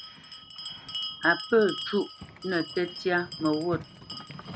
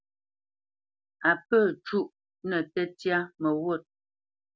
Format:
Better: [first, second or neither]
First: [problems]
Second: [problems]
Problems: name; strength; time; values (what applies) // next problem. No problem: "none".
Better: second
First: background sound (Bell); 10 dB below the speech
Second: none